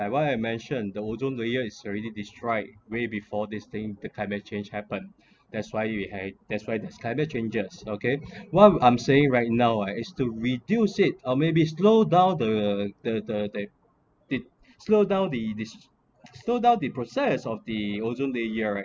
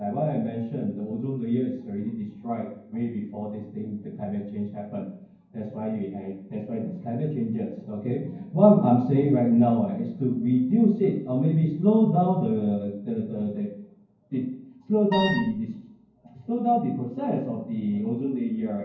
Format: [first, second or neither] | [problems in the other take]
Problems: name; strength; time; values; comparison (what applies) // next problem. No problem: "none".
first | background sound (Wind instrument, woodwind instrument); 5 dB below the speech // room echo; dies away in 0.9 s